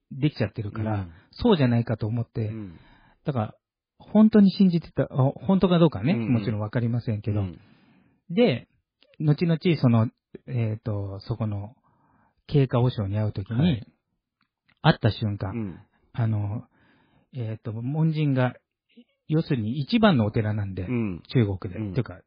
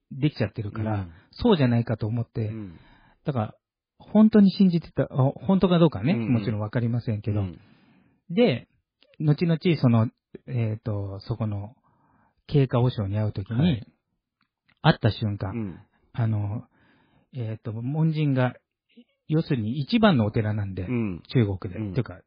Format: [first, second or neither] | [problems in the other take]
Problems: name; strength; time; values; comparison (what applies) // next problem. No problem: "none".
neither | garbled, watery; badly; nothing above 4 kHz; the same in both